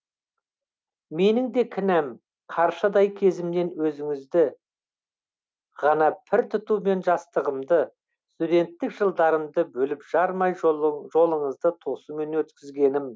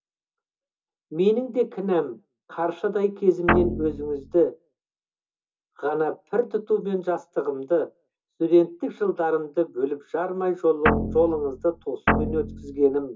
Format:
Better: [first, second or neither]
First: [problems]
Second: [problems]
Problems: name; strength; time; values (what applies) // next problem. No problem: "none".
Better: first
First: none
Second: background sound (Guitar); 1 dB below the speech // room echo; dies away in 0.2 s